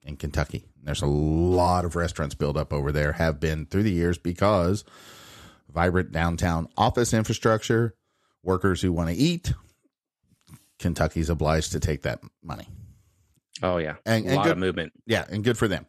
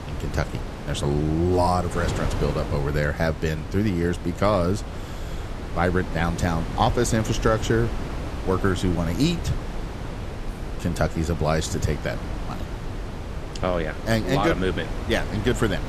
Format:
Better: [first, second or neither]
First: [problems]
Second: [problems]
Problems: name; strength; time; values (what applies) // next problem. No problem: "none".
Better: first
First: none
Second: wind noise on the microphone; occasional gusts; 10 dB below the speech